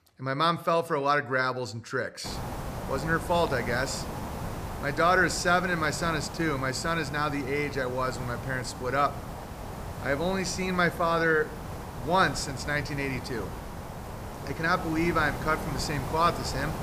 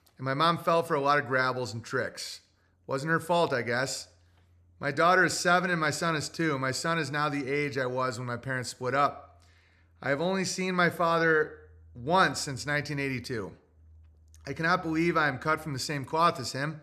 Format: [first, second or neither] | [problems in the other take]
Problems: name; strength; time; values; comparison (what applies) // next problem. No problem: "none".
second | hiss; loud; from 2.5 s on; 10 dB below the speech